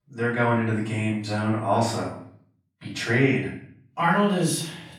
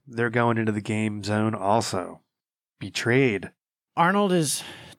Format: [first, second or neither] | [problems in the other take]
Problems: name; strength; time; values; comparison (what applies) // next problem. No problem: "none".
second | off-mic speech; far // room echo; noticeable; dies away in 0.5 s